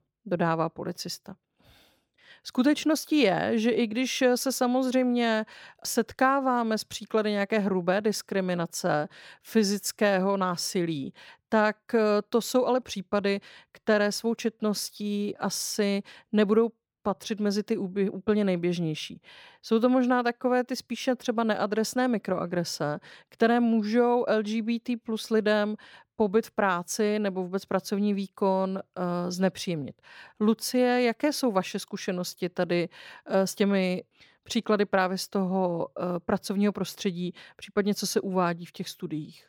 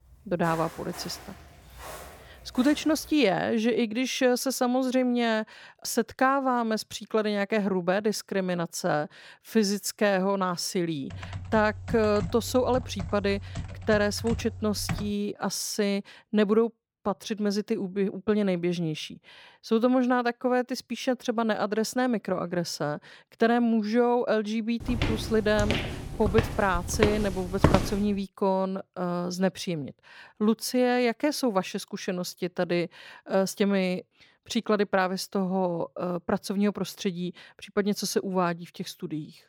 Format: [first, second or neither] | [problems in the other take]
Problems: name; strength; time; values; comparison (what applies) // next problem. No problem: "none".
first | footsteps; faint; until 3 s; peak 15 dB below the speech // keyboard typing; noticeable; from 11 to 15 s; peak 7 dB below the speech // footsteps; loud; from 25 to 28 s; peak 3 dB above the speech